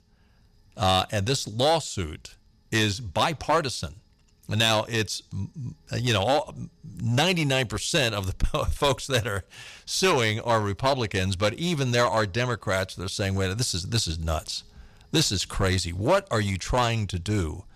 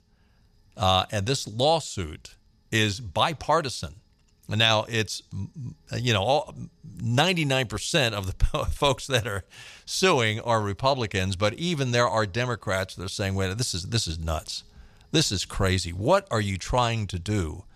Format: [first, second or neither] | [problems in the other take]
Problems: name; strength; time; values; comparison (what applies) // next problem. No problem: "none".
second | distortion; slight; 4% of the sound clipped